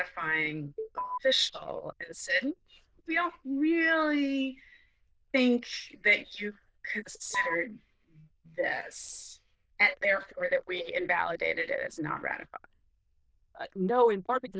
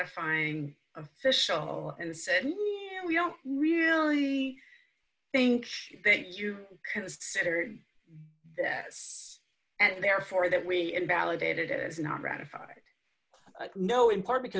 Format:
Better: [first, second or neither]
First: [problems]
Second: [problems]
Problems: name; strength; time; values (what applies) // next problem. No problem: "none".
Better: second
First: noise reduction (neural diffusion model UNIVERSE++)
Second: none